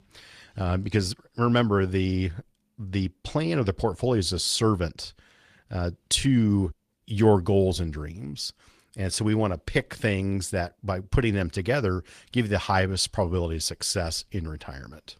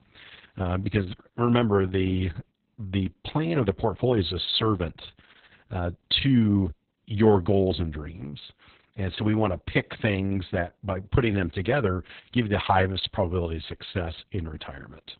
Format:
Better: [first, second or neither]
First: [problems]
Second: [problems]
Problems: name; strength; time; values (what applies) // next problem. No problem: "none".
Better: first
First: garbled, watery; slightly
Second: garbled, watery; badly; nothing above 4 kHz